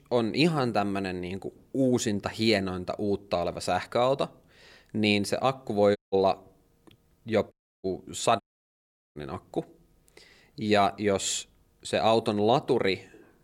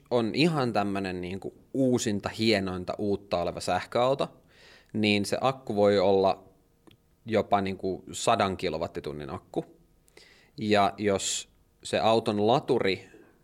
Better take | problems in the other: second | audio cutting out; at 6 s, at 7.5 s and at 8.5 s for 1 s

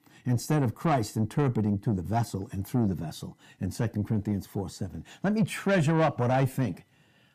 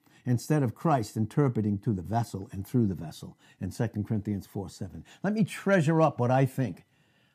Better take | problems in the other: second | distortion; slight; 10 dB below the speech

